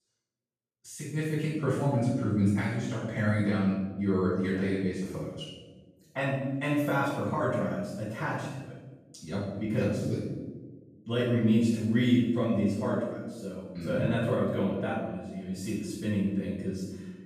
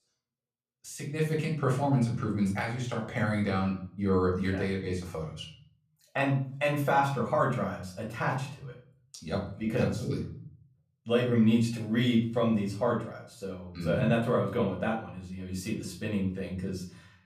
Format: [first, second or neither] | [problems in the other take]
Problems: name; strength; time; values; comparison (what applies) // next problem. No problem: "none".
second | room echo; strong; dies away in 1.1 s; slight in the second // off-mic speech; far; far in the second